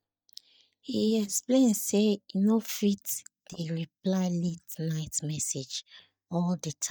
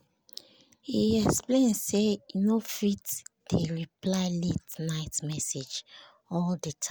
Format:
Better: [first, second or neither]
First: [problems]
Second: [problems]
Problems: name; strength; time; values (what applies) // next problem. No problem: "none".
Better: second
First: noise reduction (neural mask model DeepFilterNet 3)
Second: none